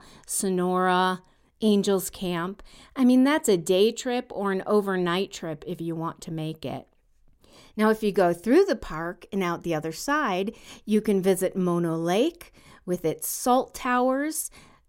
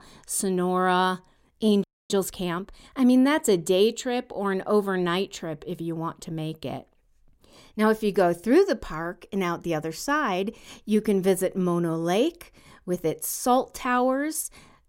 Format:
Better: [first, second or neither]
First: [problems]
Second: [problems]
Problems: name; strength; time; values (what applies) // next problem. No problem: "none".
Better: first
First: none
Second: audio freezing; at 2 s